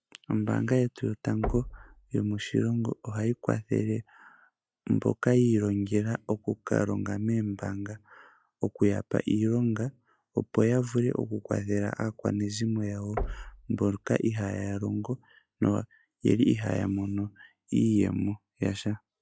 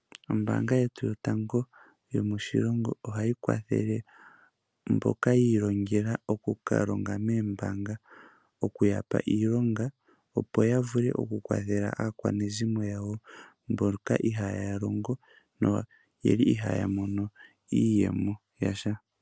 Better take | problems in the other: second | noise reduction (classical method log-MMSE)

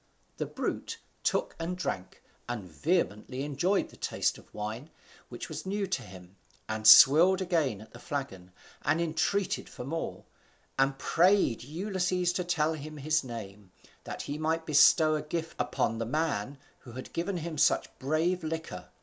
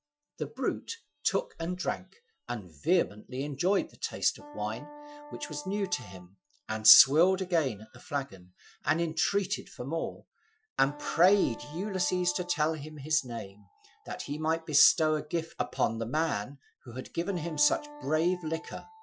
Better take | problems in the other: first | noise reduction (classical method Wiener filter)

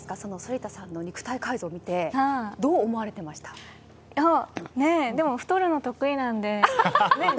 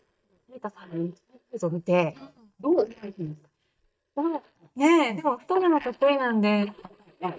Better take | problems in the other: first | noise reduction (neural mask model DeepFilterNet 3)

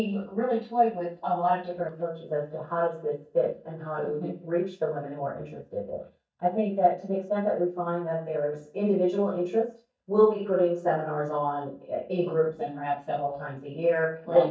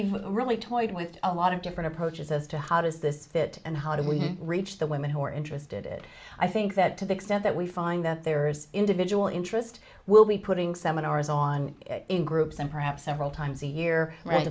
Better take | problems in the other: second | noise reduction (neural mask model DeepFilterNet 3)

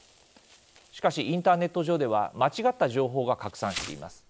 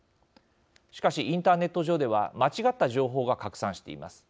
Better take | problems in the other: second | background sound (Insect); 19 dB below the speech

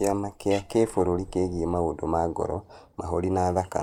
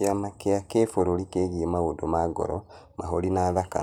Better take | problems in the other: second | noise reduction (neural mask model Resemble Enhance denoiser)

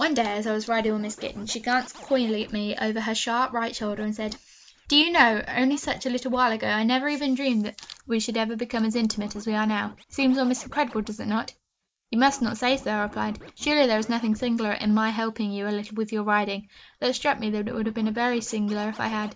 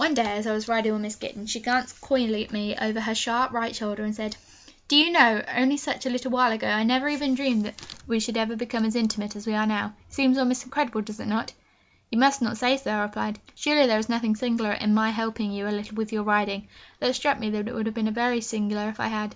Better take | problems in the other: second | noise reduction (neural mask model Resemble Enhance denoiser)

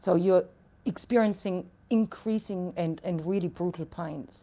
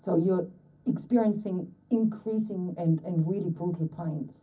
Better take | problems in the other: first | room echo; dies away in 0.4 s

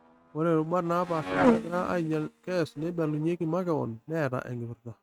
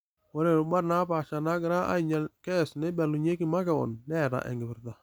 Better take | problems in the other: second | noise reduction (neural mask model RNNoise)

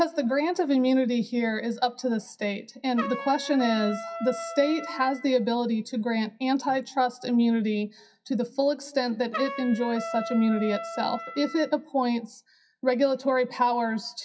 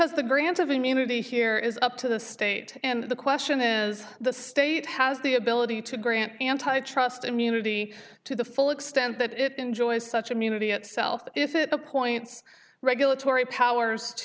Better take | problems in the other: second | noise reduction (classical method WPE with log-MMSE)

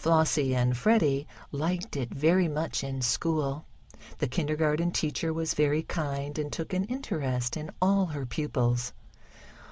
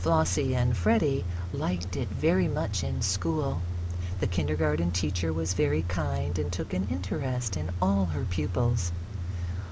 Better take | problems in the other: first | background sound (Idling / Engine starting / Accelerating, revving, vroom / Car); 2 dB below the speech

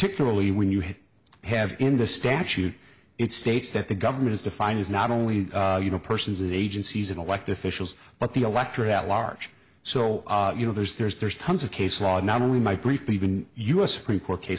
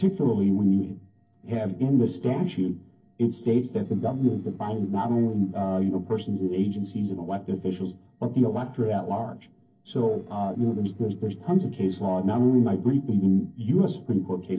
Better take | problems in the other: first | noise reduction (neural separator model SepFormer DNS4)

